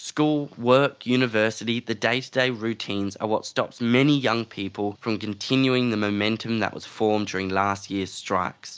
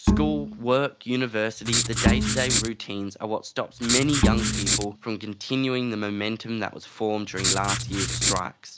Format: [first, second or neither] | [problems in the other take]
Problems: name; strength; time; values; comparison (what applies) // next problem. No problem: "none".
first | background sound (Bowed string instrument + Writing); 3 dB above the speech